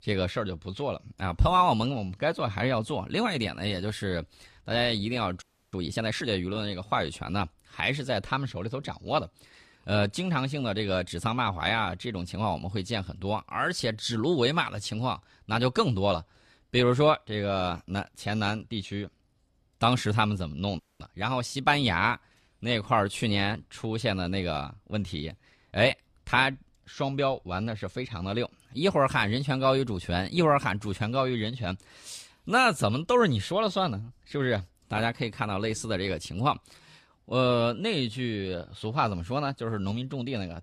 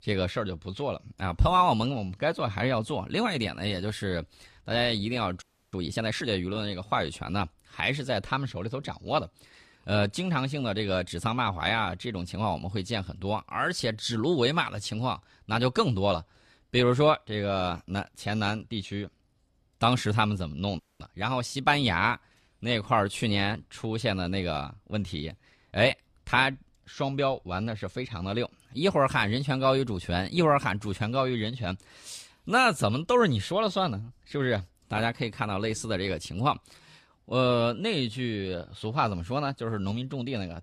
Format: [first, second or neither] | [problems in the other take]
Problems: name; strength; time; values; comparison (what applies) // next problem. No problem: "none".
neither | audio freezing; at 5.5 s and at 21 s; the same in both